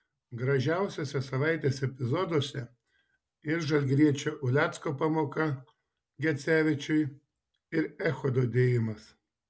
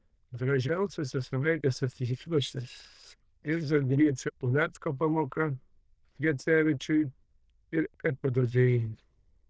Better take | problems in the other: first | noise reduction (neural diffusion model UNIVERSE++)

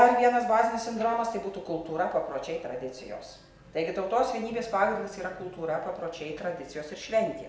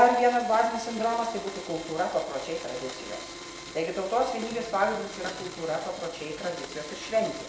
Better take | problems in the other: first | background sound (Domestic sounds, home sounds); 13 dB below the speech

